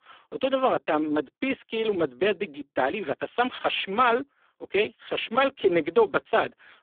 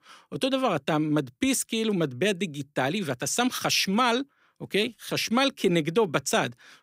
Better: second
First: phone-call audio; poor line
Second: none

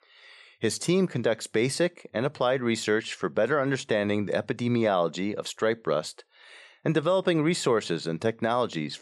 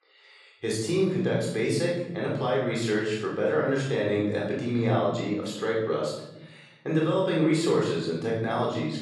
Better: first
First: none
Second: off-mic speech; far // room echo; noticeable; dies away in 1.1 s

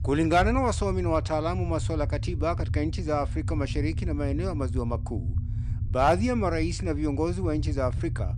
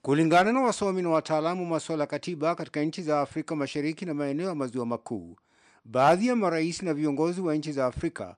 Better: second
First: low rumble; noticeable; throughout; 20 dB below the speech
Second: none

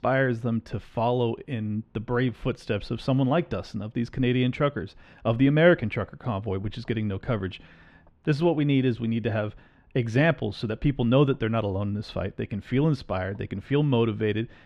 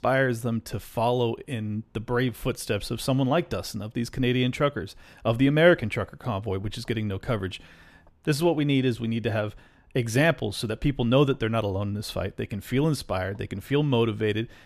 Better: second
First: muffled; very slightly; fading above 3.5 kHz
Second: none

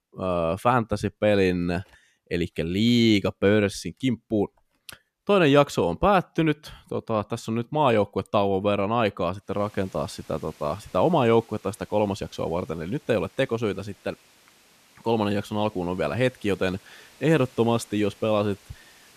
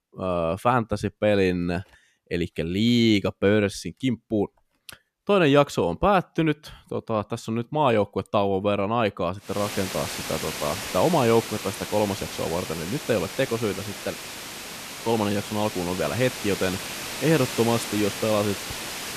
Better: first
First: hiss; faint; from 9.5 s on; 30 dB below the speech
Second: hiss; loud; from 9.5 s on; 8 dB below the speech

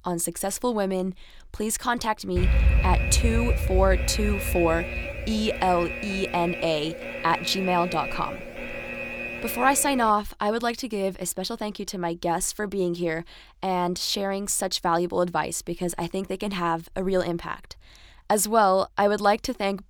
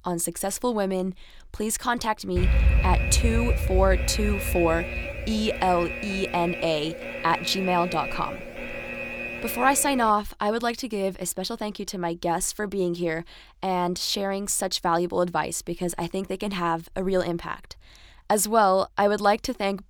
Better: neither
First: alarm; loud; from 2.5 to 10 s; peak 4 dB above the speech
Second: alarm; loud; from 2.5 to 10 s; peak 4 dB above the speech

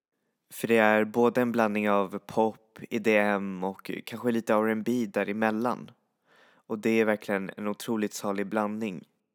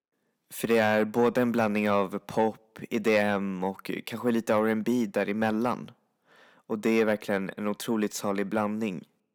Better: first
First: none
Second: distortion; slight; 10 dB below the speech

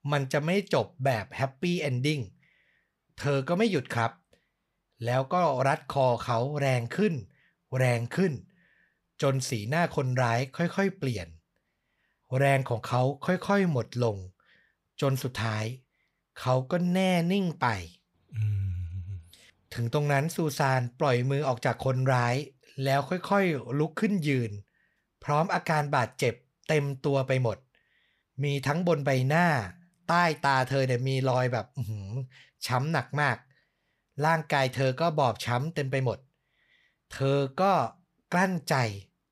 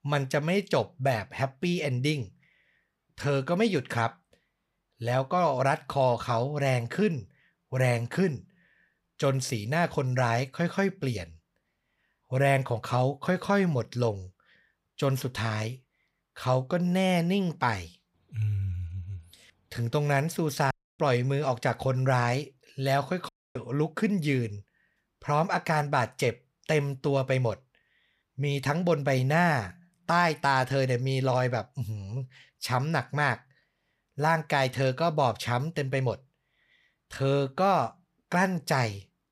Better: first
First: none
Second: audio cutting out; at 21 s and at 23 s

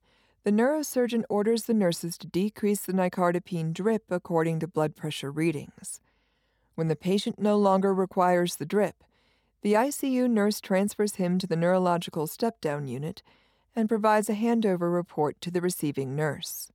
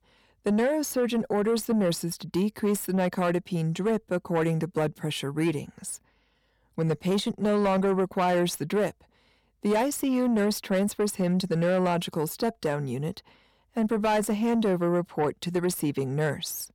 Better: first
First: none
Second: distortion; slight; 10 dB below the speech

